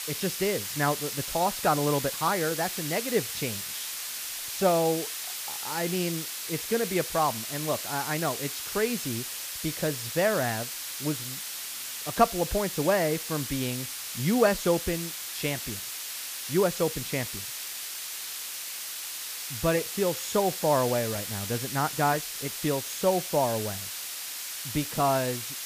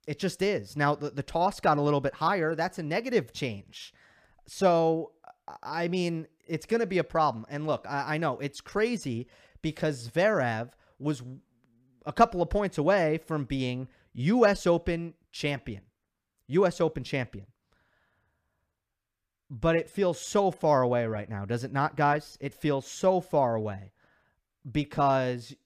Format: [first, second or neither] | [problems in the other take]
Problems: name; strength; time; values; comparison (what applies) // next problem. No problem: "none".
second | hiss; loud; throughout; 4 dB below the speech